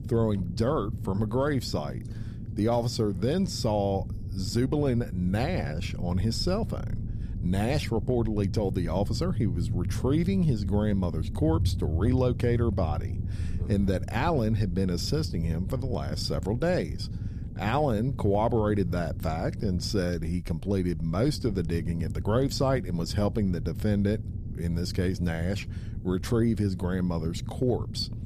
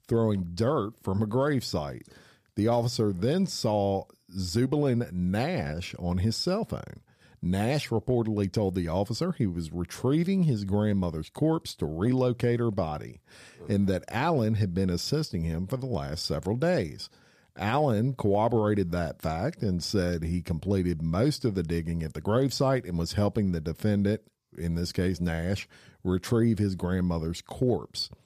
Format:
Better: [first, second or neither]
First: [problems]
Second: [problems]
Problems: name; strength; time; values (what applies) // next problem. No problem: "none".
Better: second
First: low rumble; noticeable; throughout; 15 dB below the speech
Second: none